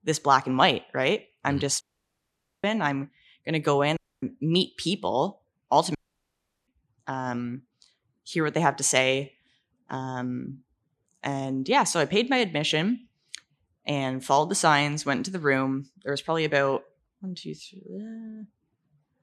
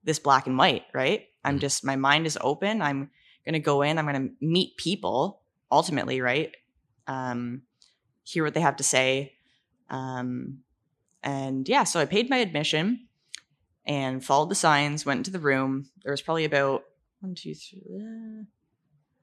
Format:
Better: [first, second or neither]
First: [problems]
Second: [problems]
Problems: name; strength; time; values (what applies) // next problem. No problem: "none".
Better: second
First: audio cutting out; at 2 s for 1 s, at 4 s and at 6 s for 0.5 s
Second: none